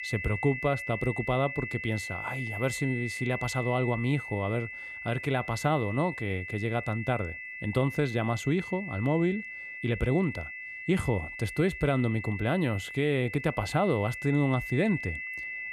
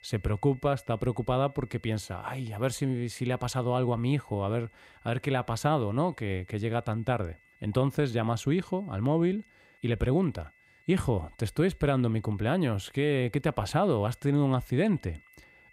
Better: second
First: high-pitched whine; loud; throughout; 2 kHz, 7 dB below the speech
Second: high-pitched whine; faint; throughout; 2 kHz, 30 dB below the speech

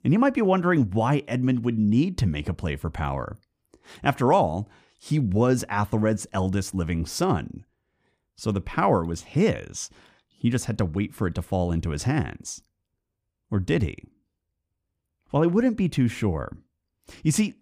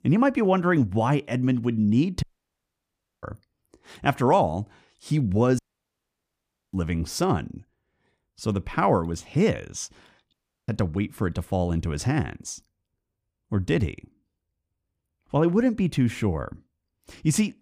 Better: first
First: none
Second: audio cutting out; at 2 s for 1 s, at 5.5 s for 1 s and at 10 s

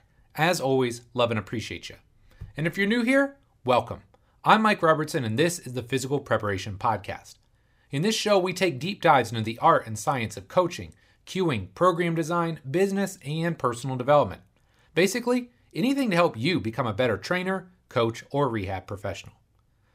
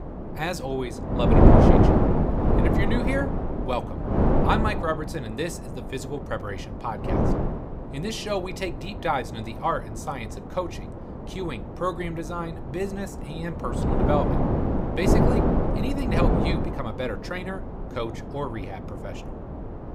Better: first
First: none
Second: wind noise on the microphone; heavy; 4 dB above the speech

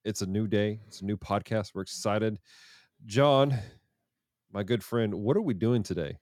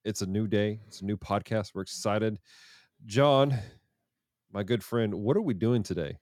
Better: neither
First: none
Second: none

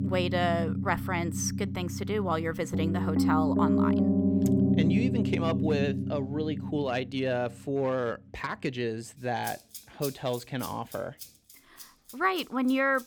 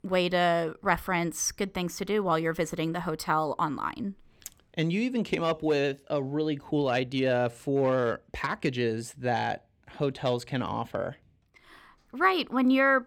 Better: second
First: background music; very loud; throughout; 2 dB above the speech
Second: none

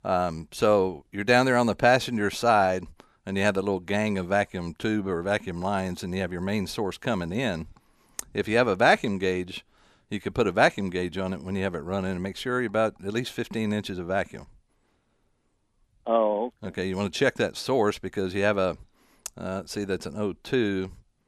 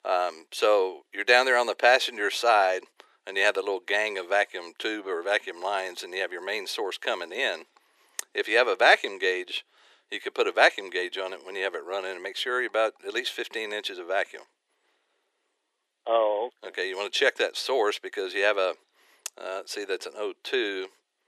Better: first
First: none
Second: thin; very; fading below 350 Hz

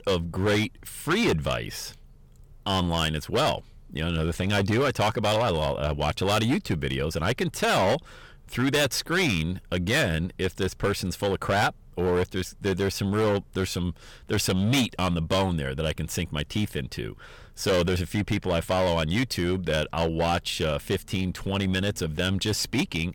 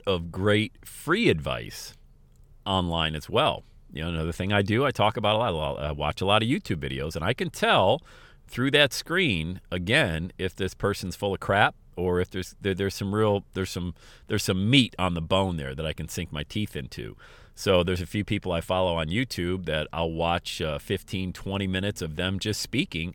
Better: second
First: distortion; heavy; 10% of the sound clipped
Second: none

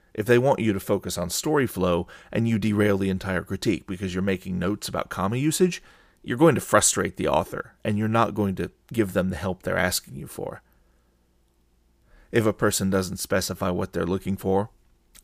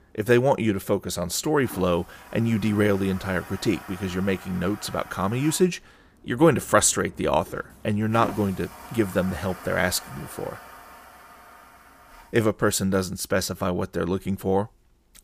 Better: first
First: none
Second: household noises; noticeable; throughout; 20 dB below the speech

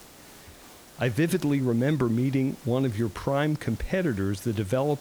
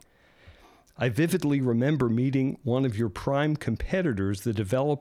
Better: second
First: hiss; faint; throughout; 20 dB below the speech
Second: none

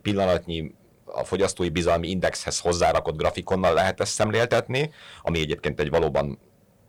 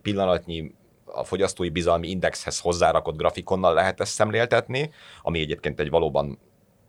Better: second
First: distortion; slight; 4% of the sound clipped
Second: none

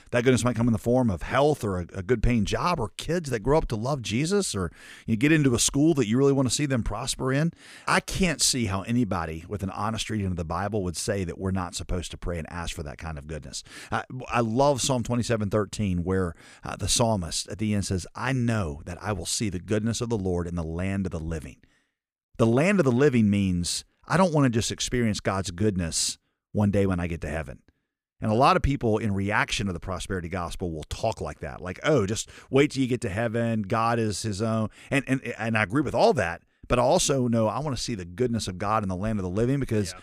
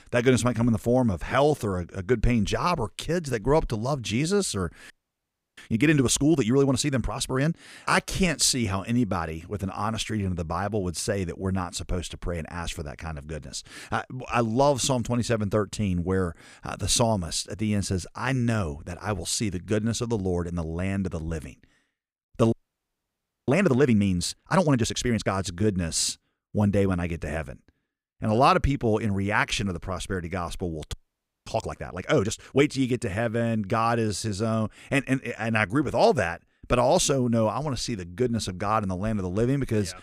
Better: first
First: none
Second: audio freezing; at 5 s for 0.5 s, at 23 s for 1 s and at 31 s for 0.5 s

